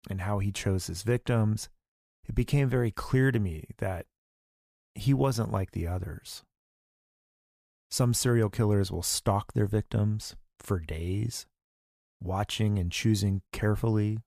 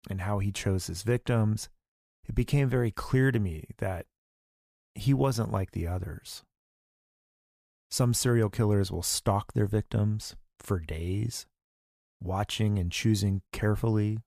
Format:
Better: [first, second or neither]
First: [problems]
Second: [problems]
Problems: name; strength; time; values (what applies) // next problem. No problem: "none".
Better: neither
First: none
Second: none